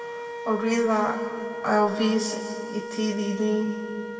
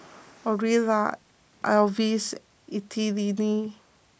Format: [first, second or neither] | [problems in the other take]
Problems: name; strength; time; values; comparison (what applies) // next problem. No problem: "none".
second | background sound (Wind instrument, woodwind instrument); 9 dB below the speech // room echo; dies away in 2.6 s